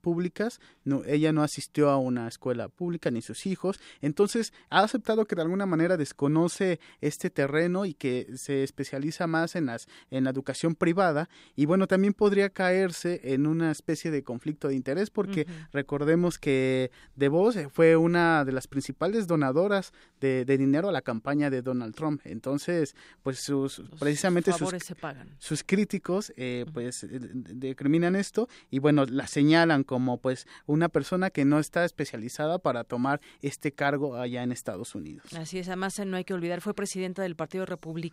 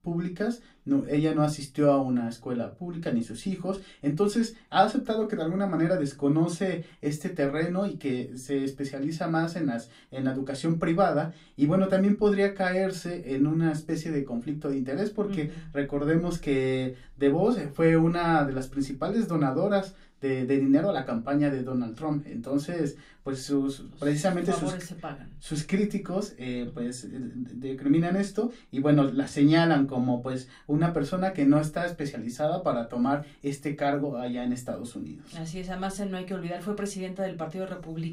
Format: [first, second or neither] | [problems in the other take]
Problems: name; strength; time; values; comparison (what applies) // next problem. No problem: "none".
first | off-mic speech; far // room echo; very slight; dies away in 0.2 s